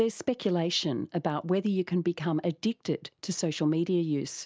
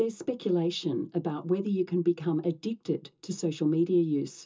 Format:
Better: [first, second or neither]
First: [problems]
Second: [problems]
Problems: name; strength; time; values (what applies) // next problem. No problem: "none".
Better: first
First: none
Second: room echo; dies away in 0.2 s